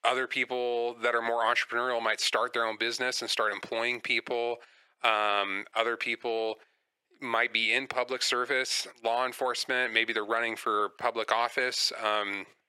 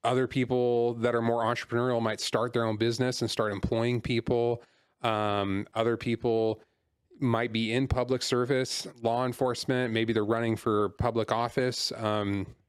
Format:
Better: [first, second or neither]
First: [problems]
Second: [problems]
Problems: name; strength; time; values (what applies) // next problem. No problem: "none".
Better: second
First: thin; very; fading below 600 Hz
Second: none